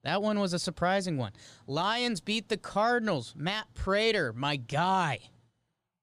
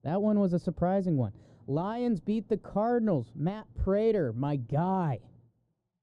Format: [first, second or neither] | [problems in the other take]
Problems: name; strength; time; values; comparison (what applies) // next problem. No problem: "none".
first | muffled; very; fading above 1 kHz